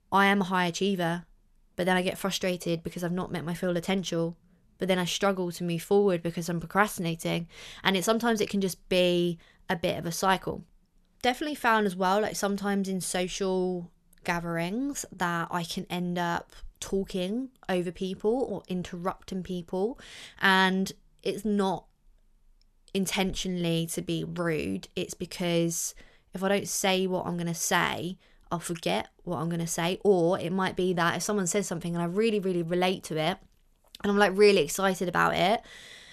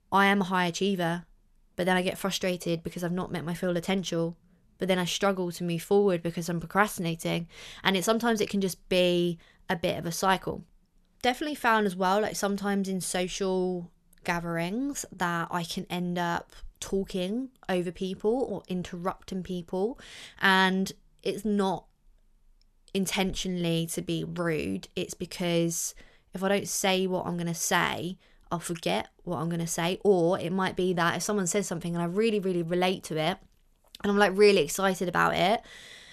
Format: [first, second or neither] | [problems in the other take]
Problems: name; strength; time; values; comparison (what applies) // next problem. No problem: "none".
neither | none